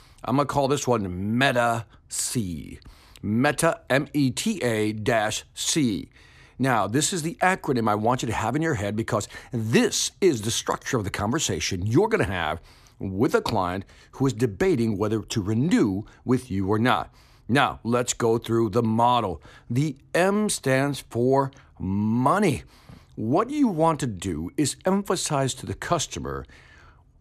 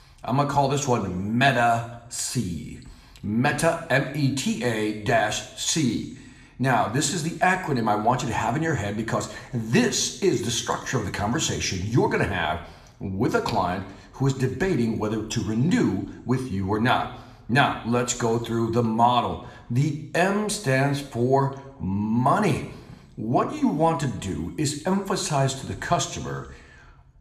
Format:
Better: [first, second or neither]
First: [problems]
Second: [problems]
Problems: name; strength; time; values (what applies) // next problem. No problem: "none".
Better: first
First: none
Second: room echo; slight; dies away in 0.7 s